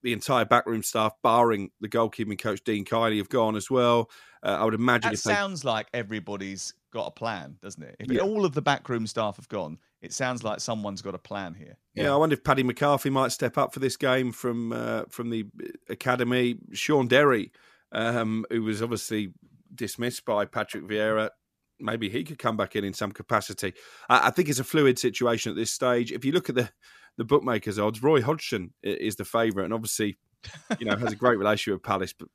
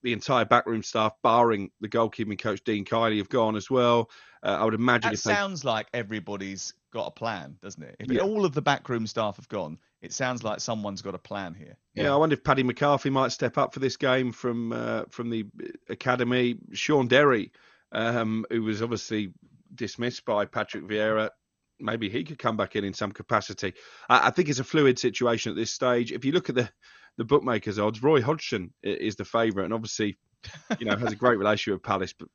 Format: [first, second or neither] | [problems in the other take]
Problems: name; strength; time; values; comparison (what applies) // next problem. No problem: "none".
first | garbled, watery; slightly; nothing above 6.5 kHz